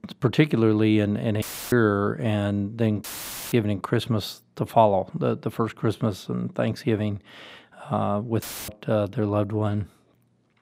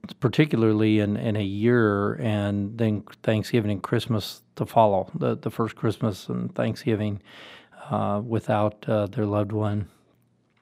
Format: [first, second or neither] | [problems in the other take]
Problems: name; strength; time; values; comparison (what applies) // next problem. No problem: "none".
second | audio cutting out; filled with static; at 1.5 s, at 3 s and at 8.5 s